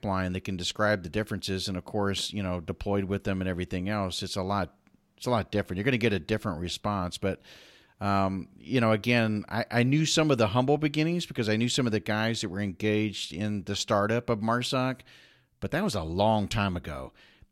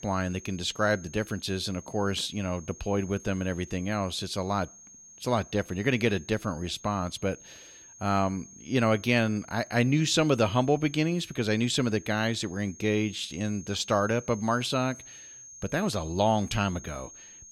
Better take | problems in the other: first | high-pitched whine; noticeable; throughout; 6.5 kHz, 20 dB below the speech

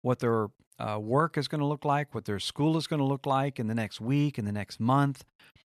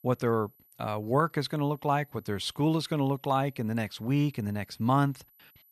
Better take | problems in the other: first | high-pitched whine; faint; throughout; 12 kHz, 30 dB below the speech

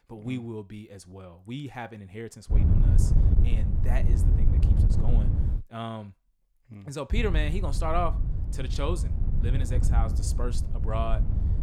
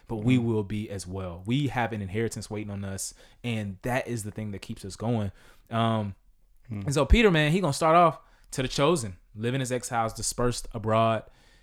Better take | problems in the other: second | wind noise on the microphone; heavy; from 2.5 to 5.5 s and from 7 s on; 6 dB below the speech

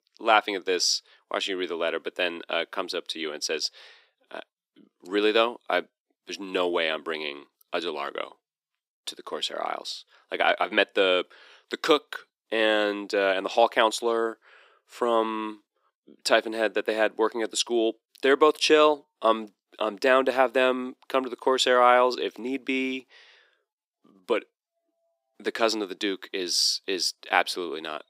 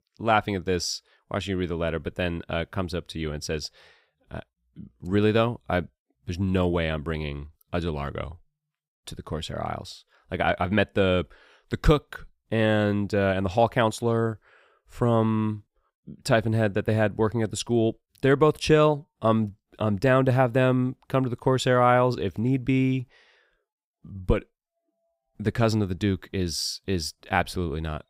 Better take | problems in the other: second | thin; somewhat; fading below 300 Hz

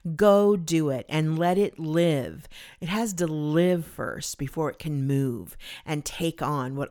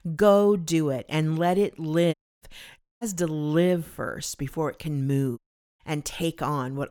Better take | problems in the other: first | audio cutting out; at 2 s, at 3 s and at 5.5 s

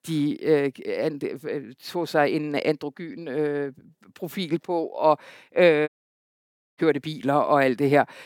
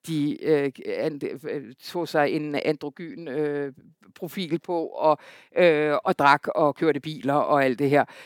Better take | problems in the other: second | audio cutting out; at 6 s for 1 s

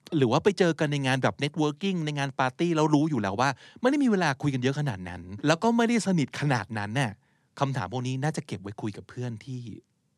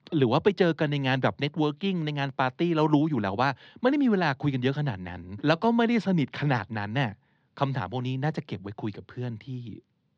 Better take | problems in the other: first | muffled; very slightly; fading above 4 kHz

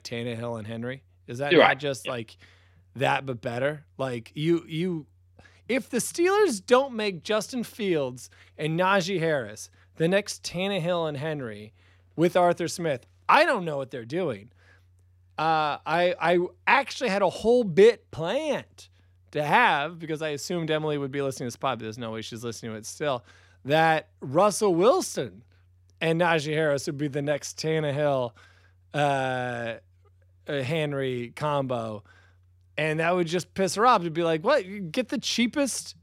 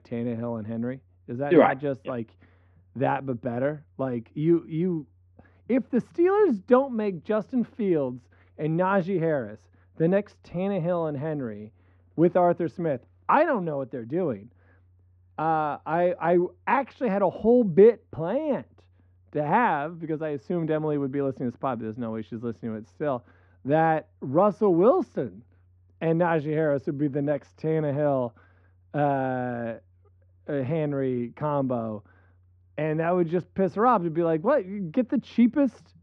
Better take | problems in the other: first | muffled; very; fading above 1.5 kHz

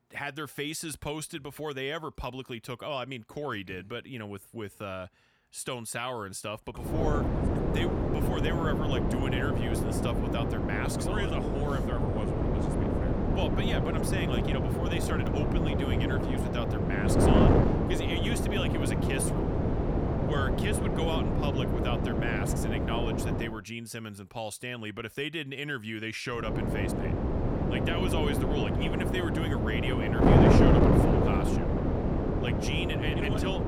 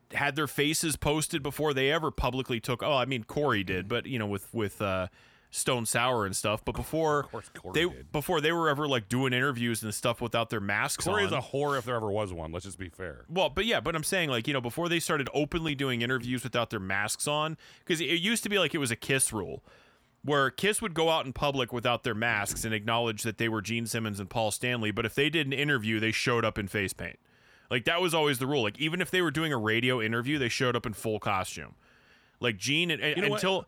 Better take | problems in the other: second | wind noise on the microphone; heavy; from 7 to 23 s and from 26 s on; 3 dB above the speech

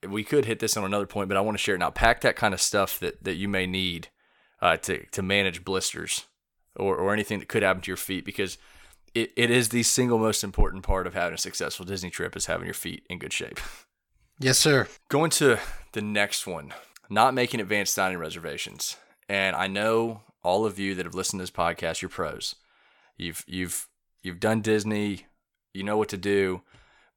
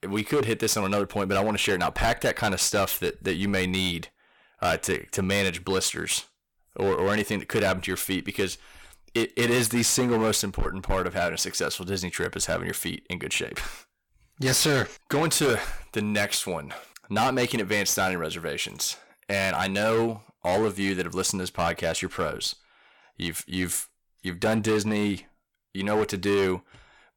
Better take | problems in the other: first | distortion; heavy; 9% of the sound clipped

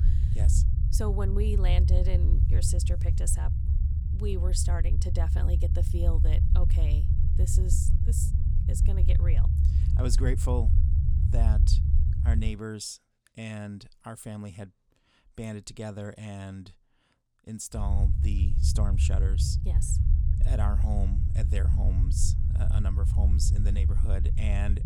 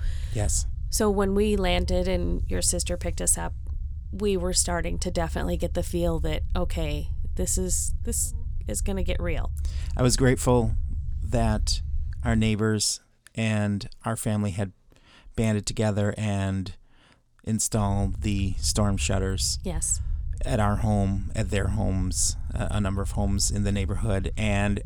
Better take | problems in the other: second | low rumble; loud; until 13 s and from 18 s on; 4 dB below the speech; faint in the second

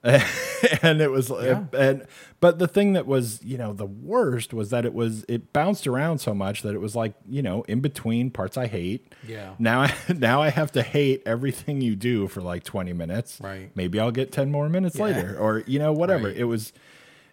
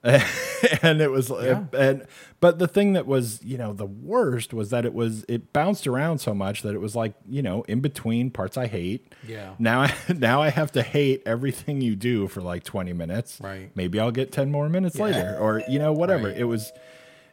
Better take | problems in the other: first | doorbell; noticeable; from 15 to 17 s; peak 7 dB below the speech

